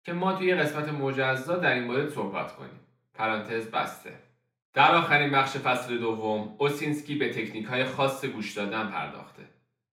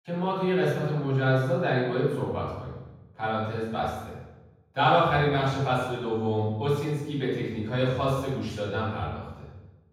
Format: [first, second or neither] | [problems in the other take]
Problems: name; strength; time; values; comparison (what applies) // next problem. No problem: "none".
first | room echo; strong; dies away in 1.3 s; slight in the first // off-mic speech; far; far in the first